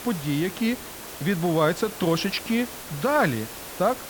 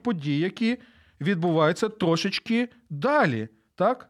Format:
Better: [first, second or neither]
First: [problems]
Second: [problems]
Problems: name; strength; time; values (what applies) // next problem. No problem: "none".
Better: second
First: hiss; noticeable; throughout; 10 dB below the speech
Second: none